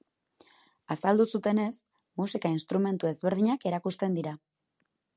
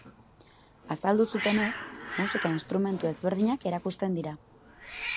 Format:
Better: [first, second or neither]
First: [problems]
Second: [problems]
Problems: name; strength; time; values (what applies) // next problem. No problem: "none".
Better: first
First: none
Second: background sound (Hiss); 9 dB below the speech